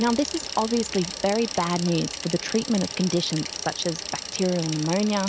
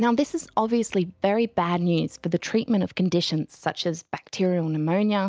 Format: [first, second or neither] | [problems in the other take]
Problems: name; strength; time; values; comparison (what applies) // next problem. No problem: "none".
second | background sound (Bicycle); 9 dB below the speech